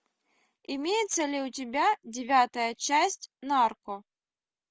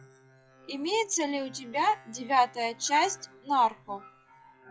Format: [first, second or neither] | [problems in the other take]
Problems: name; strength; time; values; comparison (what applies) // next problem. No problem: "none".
first | noise reduction (classical method log-MMSE)